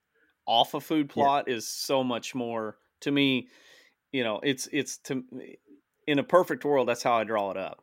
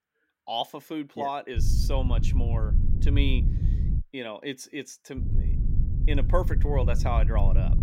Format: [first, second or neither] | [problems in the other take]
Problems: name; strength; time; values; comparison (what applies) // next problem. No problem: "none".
first | low rumble; loud; from 1.5 to 4 s and from 5 s on; 10 dB below the speech